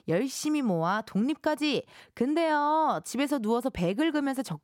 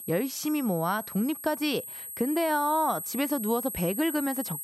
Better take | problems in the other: first | high-pitched whine; loud; throughout; 11.5 kHz, 7 dB below the speech

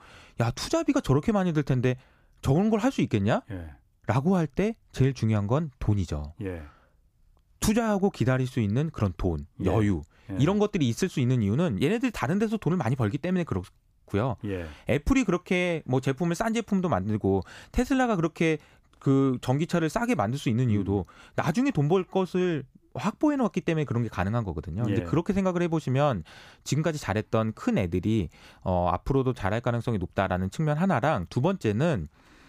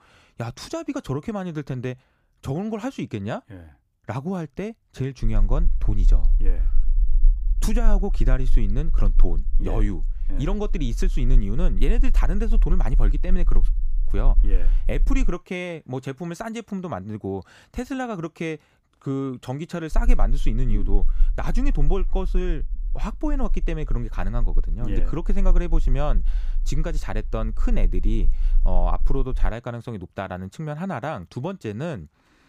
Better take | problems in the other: first | low rumble; faint; from 5 to 15 s and from 20 to 29 s; 20 dB below the speech

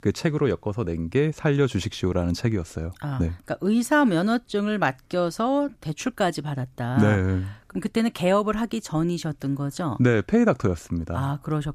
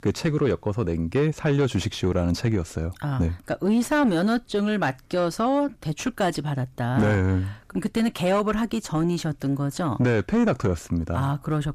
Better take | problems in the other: first | distortion; slight; 10 dB below the speech

